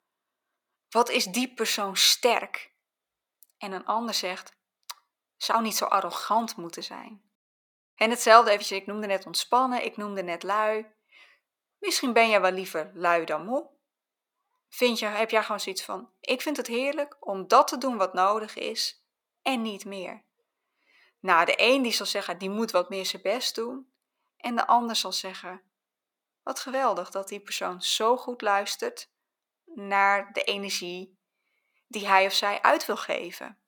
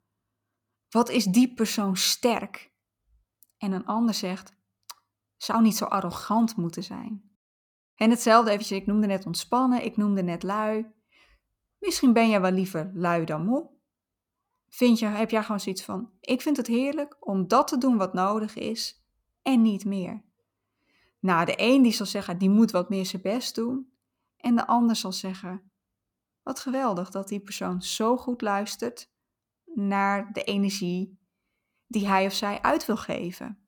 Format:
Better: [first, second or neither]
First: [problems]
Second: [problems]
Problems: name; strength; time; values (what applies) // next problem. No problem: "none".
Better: second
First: thin; somewhat; fading below 550 Hz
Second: none